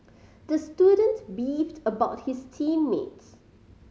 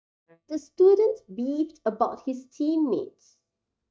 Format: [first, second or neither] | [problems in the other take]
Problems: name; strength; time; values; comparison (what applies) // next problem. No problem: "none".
first | noise reduction (neural mask model DeepFilterNet 3)